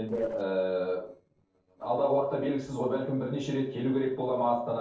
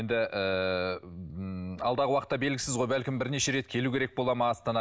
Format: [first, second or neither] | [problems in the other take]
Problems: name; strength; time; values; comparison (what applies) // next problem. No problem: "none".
second | noise reduction (neural separator model SepFormer DNS4)